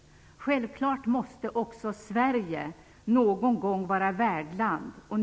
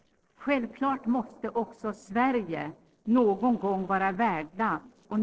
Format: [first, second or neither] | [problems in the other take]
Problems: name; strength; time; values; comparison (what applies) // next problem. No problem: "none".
first | noise reduction (neural separator model SepFormer DNS4)